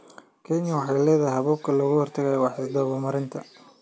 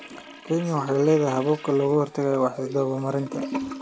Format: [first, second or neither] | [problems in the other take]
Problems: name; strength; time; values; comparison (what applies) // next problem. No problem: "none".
first | background sound (Toilet flush / Gurgling); 13 dB below the speech